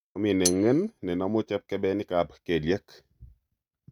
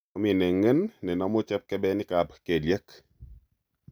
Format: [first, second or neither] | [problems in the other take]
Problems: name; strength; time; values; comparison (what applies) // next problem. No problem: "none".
second | noise reduction (neural mask model RNNoise)